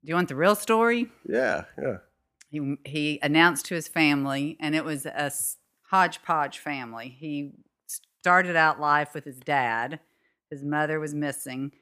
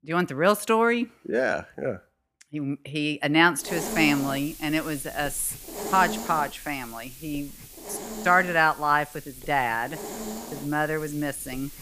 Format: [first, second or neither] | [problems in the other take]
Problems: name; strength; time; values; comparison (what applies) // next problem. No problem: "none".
first | hiss; noticeable; from 3.5 s on; 10 dB below the speech